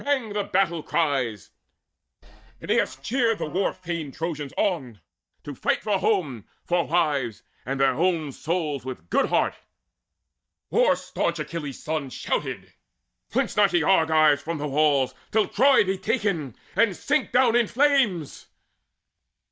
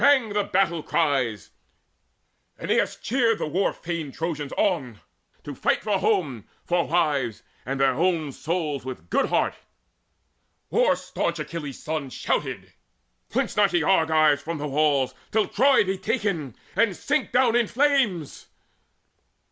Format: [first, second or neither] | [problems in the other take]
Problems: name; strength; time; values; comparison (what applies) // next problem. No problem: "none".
second | noise reduction (neural mask model DeepFilterNet 3)